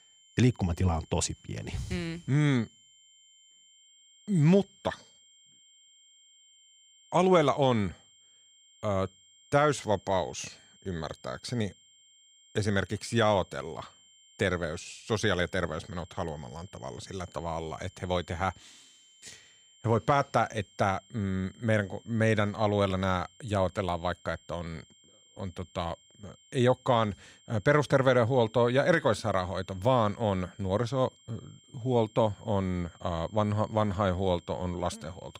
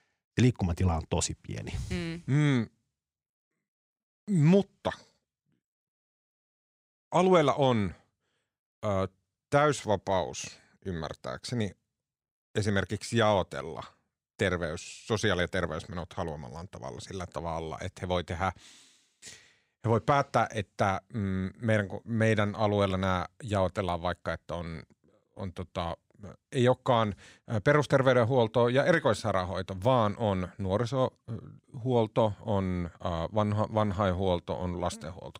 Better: second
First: high-pitched whine; faint; throughout; 3 kHz, 30 dB below the speech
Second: none

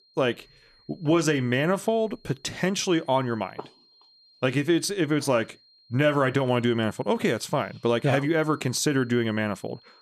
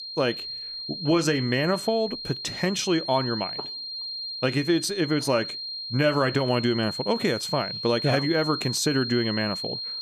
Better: first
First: high-pitched whine; faint; throughout; 4 kHz, 30 dB below the speech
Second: high-pitched whine; loud; throughout; 4 kHz, 6 dB below the speech

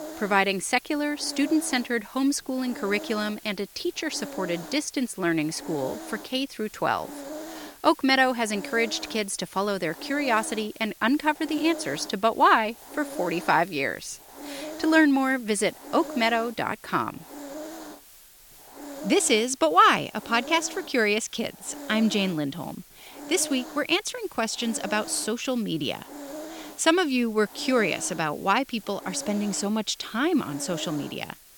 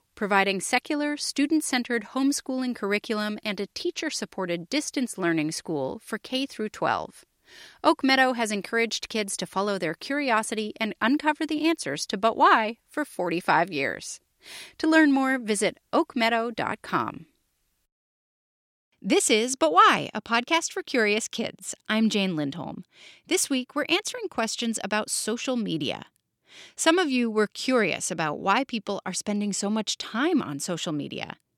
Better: second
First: hiss; noticeable; throughout; 15 dB below the speech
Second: none

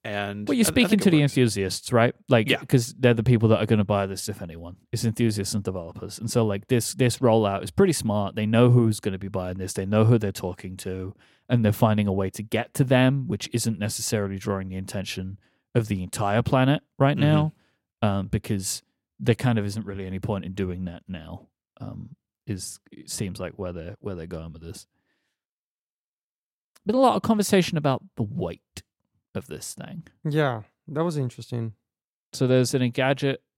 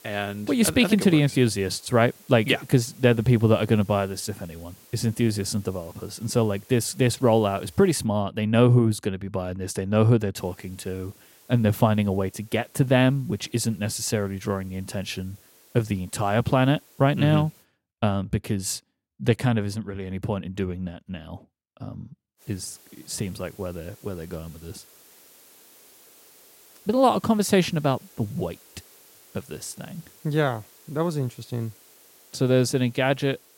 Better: first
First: none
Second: hiss; faint; until 8 s, from 10 to 18 s and from 22 s on; 25 dB below the speech

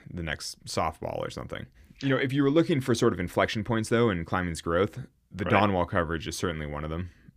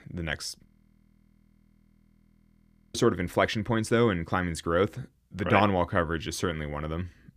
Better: first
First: none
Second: audio freezing; at 0.5 s for 2.5 s

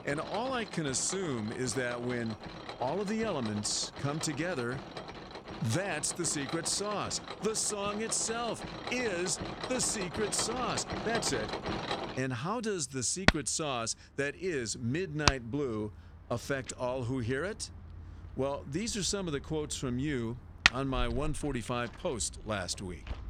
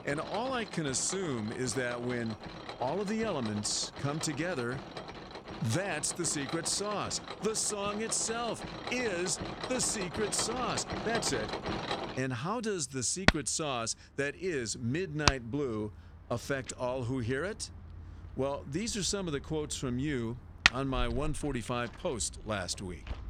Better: neither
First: machinery noise; loud; throughout; 4 dB below the speech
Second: machinery noise; loud; throughout; 4 dB below the speech

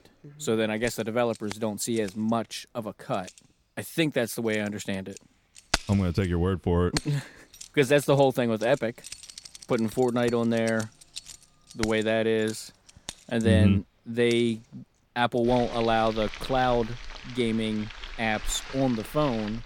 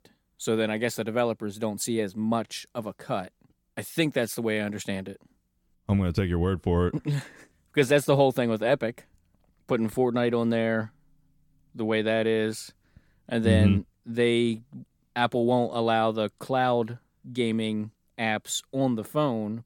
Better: second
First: household noises; noticeable; throughout; 15 dB below the speech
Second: none

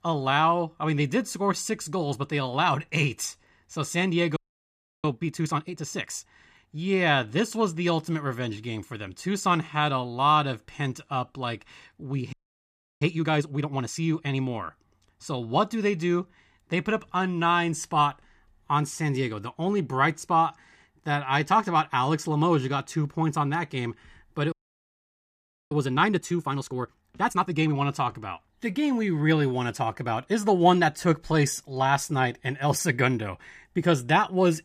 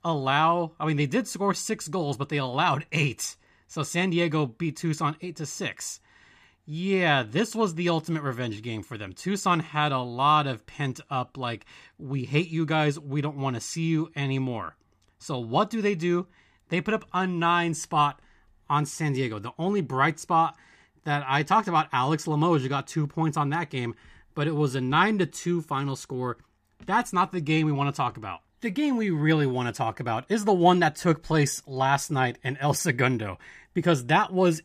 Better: second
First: audio freezing; at 4.5 s for 0.5 s, at 12 s for 0.5 s and at 25 s for 1 s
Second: none

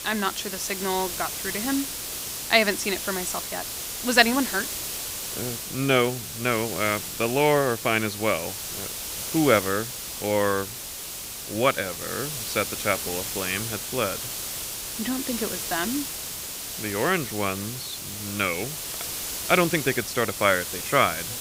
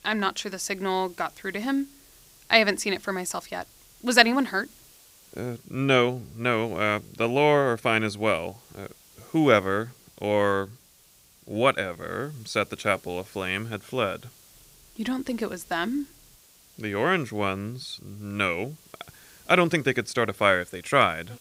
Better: second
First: hiss; loud; throughout; 5 dB below the speech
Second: hiss; faint; throughout; 25 dB below the speech

